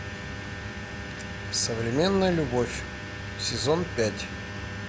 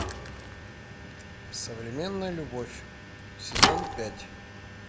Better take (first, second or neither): first